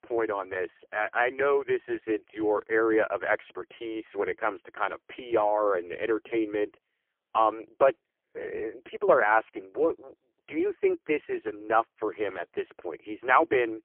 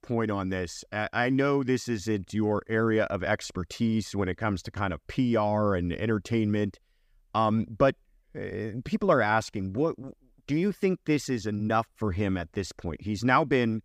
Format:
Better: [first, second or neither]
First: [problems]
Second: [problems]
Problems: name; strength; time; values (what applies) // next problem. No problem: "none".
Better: second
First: phone-call audio; poor line; nothing above 3 kHz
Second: none